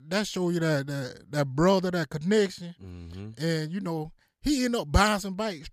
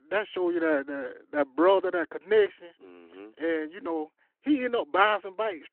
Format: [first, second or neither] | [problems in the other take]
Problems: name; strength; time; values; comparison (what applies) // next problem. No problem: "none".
first | phone-call audio